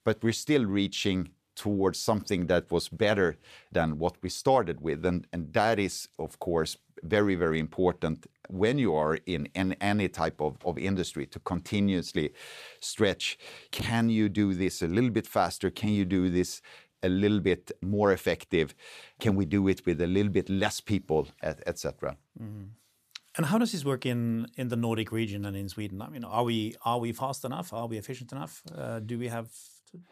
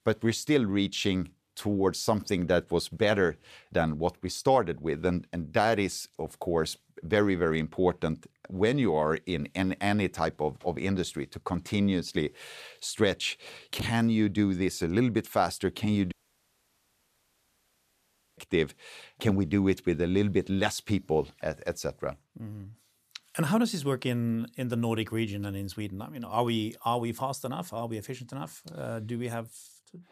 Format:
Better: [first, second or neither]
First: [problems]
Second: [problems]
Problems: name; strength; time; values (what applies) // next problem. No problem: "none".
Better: first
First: none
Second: audio cutting out; at 16 s for 2.5 s